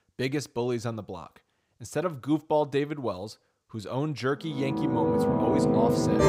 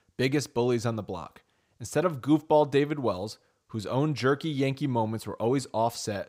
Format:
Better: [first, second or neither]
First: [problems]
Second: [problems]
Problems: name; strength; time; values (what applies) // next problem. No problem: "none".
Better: second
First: background music; very faint; from 5 s on; 5 dB above the speech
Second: none